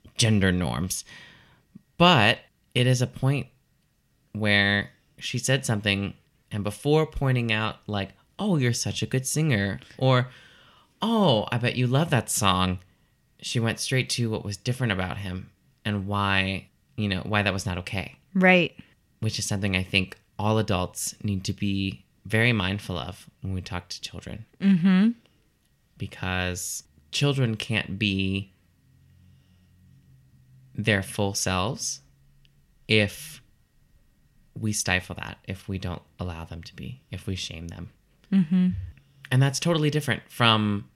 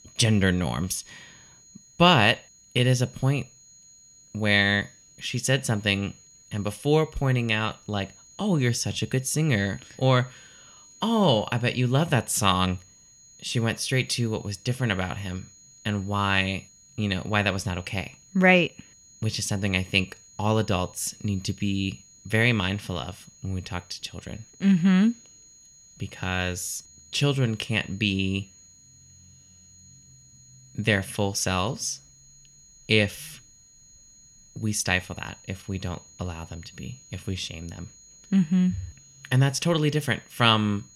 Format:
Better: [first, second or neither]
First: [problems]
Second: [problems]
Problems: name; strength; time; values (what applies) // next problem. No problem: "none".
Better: first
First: none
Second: high-pitched whine; faint; throughout; 6.5 kHz, 25 dB below the speech